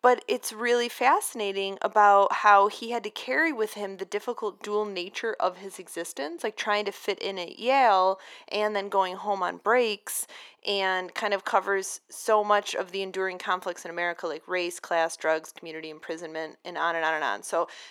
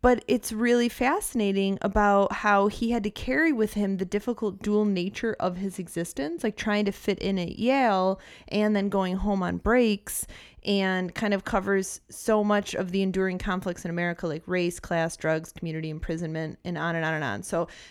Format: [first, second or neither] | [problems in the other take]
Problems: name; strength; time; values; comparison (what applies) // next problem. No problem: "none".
second | thin; very; fading below 400 Hz